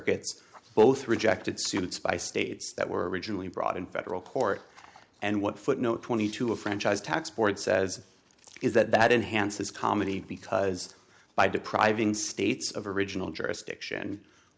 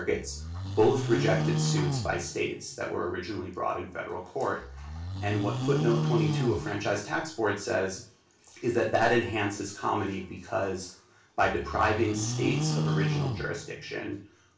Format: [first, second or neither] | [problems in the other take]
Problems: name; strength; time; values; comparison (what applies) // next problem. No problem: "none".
first | background sound (Livestock, farm animals, working animals); 2 dB below the speech // room echo; dies away in 0.3 s